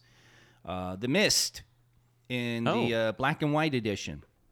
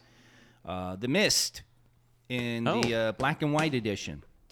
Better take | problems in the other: first | footsteps; noticeable; from 2.5 to 3.5 s; peak 9 dB below the speech

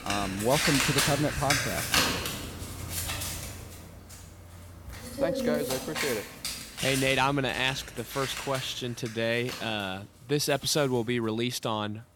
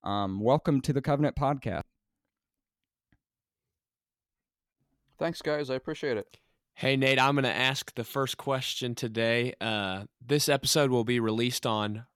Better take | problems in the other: second | household noises; loud; throughout; 1 dB below the speech

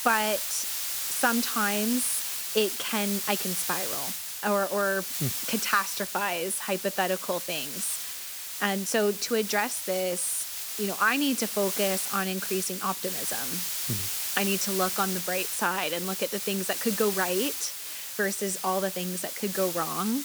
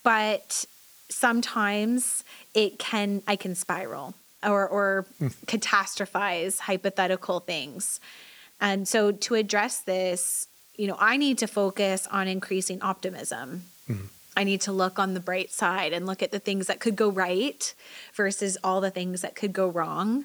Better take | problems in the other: second | hiss; loud; throughout; 1 dB below the speech; faint in the second

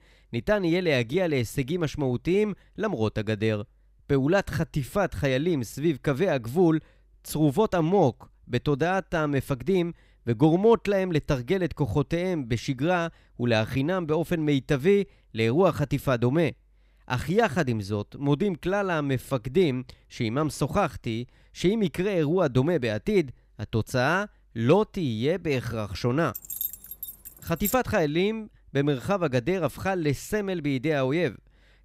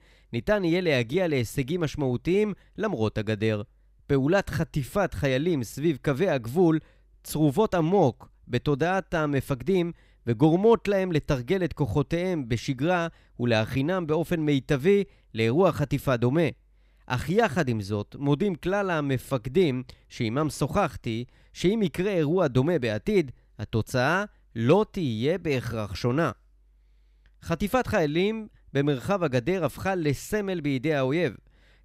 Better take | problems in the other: second | jangling keys; noticeable; from 26 to 28 s; peak 5 dB below the speech

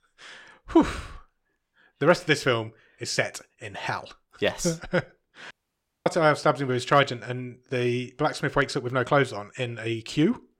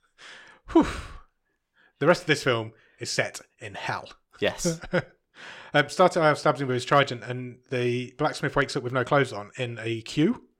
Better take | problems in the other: second | audio cutting out; at 5.5 s for 0.5 s

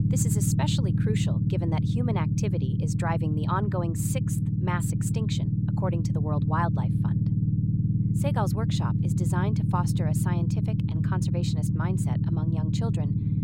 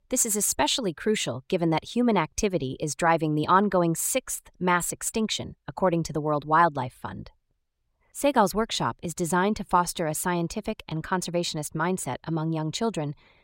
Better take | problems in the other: second | low rumble; loud; throughout; 2 dB below the speech

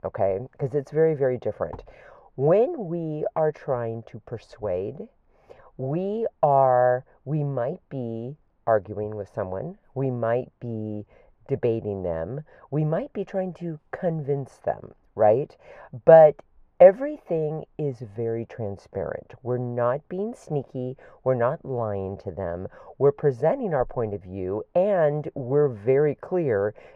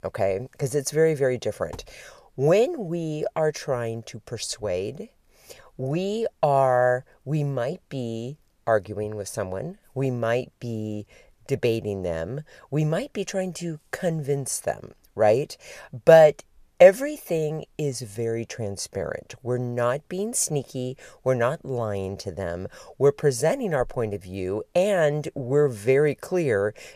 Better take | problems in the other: second | muffled; very; fading above 3.5 kHz

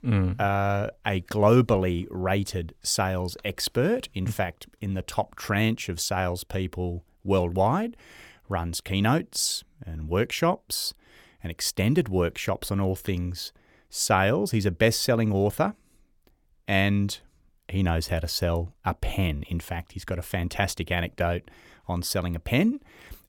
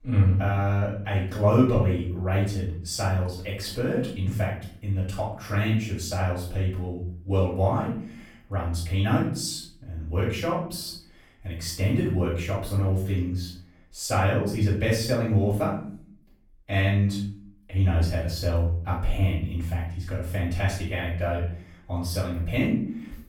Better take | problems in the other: first | off-mic speech; far // room echo; noticeable; dies away in 0.6 s

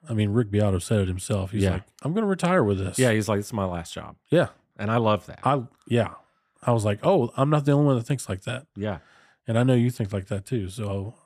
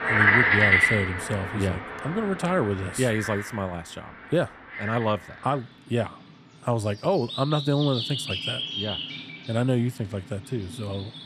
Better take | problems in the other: first | animal sounds; very loud; throughout; 3 dB above the speech

